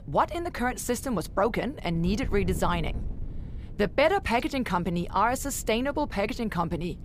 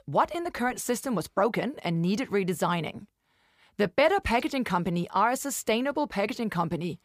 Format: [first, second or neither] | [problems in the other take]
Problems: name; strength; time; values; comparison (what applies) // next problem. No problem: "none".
second | wind noise on the microphone; occasional gusts; 25 dB below the speech